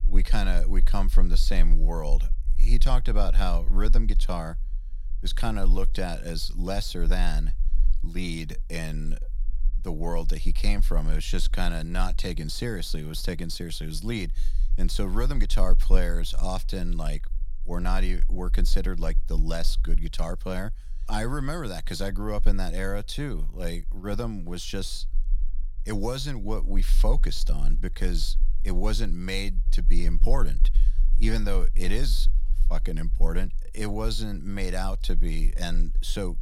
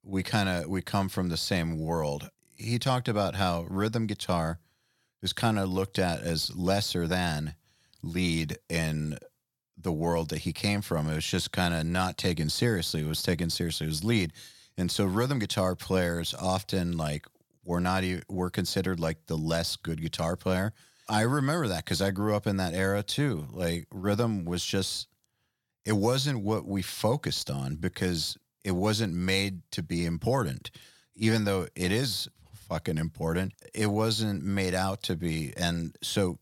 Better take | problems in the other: second | low rumble; faint; throughout; 25 dB below the speech

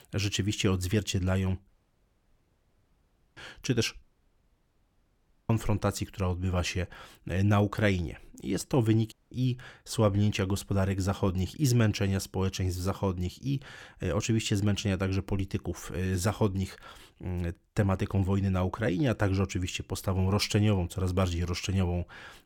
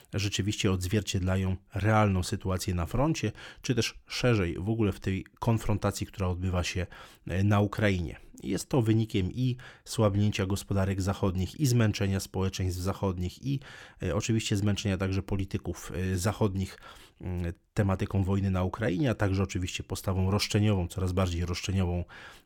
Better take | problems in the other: second | audio cutting out; at 1.5 s for 1.5 s, at 4 s for 1.5 s and at 9 s

